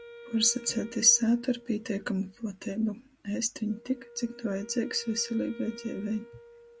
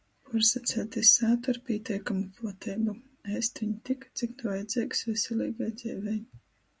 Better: second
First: background sound (Wind instrument, woodwind instrument); 19 dB below the speech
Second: none

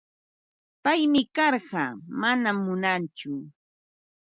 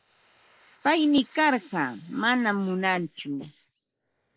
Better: first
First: none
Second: noise reduction (neural mask model Resemble Enhance denoiser)

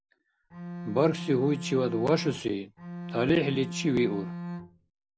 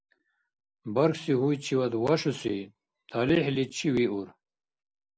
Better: second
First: background sound (Bowed string instrument); 9 dB below the speech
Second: none

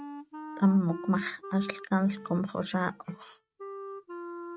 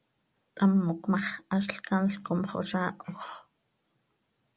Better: second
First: noise reduction (neural mask model RNNoise)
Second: none

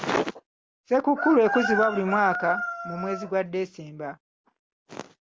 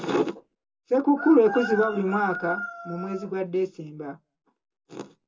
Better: first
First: none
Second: room echo; dies away in 0.2 s

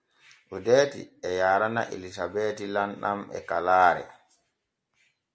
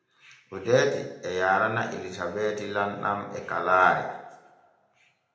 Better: first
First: none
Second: room echo; dies away in 0.8 s

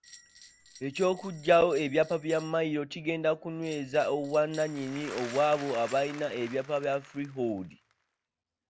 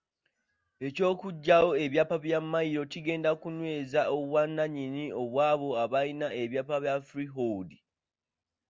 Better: second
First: background sound (Applause / Crowd + Bell); 18 dB below the speech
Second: none

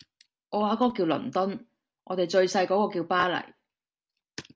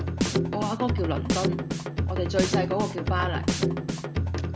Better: first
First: none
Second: background sound (Drum kit); 4 dB above the speech

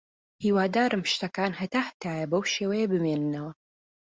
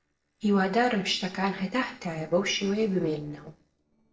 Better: first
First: none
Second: noise reduction (neural separator model SepFormer DNS4)

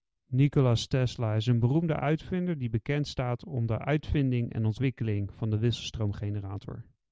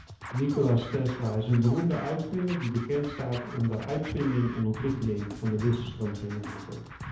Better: first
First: none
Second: background sound (Scratching (performance technique)); 13 dB below the speech // room echo; dies away in 1.9 s

